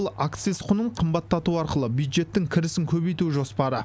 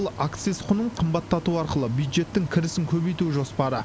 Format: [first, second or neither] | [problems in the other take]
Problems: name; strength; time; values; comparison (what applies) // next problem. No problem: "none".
first | background sound (Bus); 17 dB below the speech